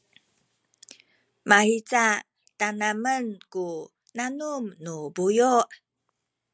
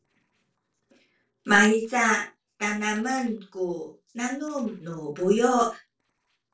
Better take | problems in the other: first | noise reduction (neural separator model SepFormer DNS4)

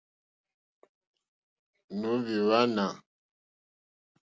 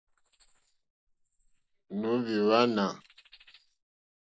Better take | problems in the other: first | noise reduction (neural mask model Resemble Enhance denoiser)

